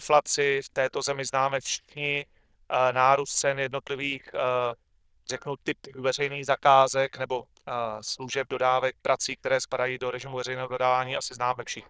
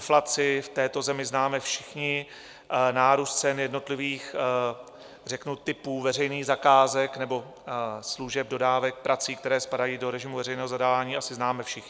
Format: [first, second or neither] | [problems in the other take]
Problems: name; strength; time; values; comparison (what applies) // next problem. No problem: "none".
second | noise reduction (neural diffusion model UNIVERSE++)